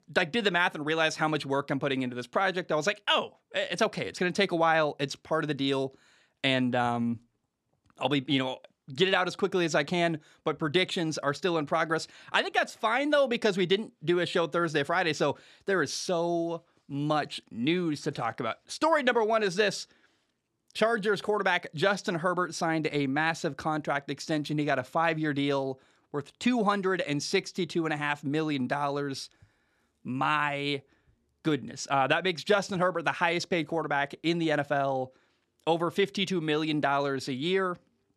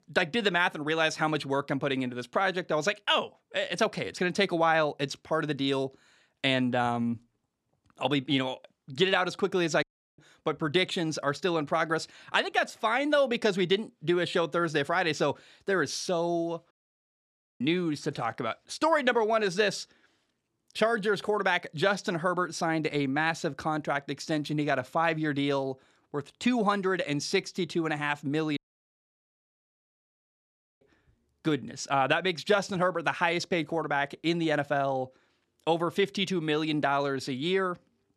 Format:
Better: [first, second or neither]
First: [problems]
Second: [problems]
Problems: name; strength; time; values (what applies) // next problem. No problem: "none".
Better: first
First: none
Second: audio cutting out; at 10 s, at 17 s for 1 s and at 29 s for 2 s